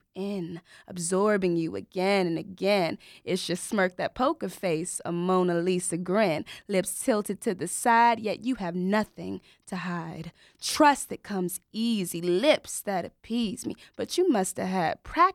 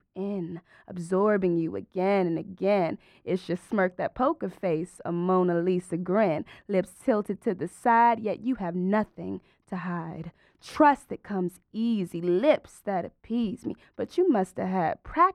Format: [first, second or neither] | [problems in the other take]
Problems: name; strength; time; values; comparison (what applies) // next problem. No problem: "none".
first | muffled; very; fading above 3 kHz